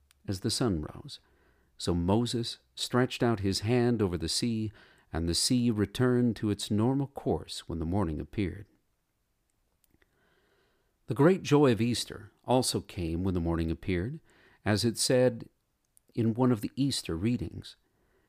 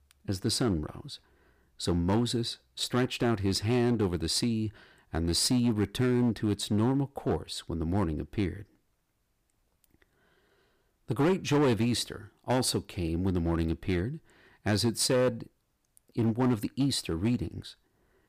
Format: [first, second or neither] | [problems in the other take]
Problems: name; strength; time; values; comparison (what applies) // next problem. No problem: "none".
first | distortion; slight; 5% of the sound clipped